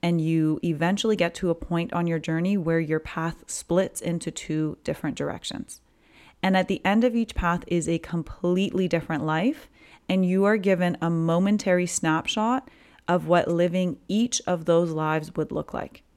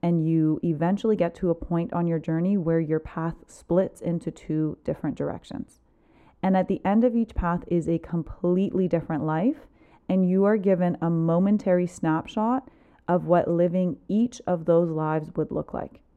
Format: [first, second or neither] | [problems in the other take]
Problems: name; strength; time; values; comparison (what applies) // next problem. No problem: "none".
first | muffled; very; fading above 1.5 kHz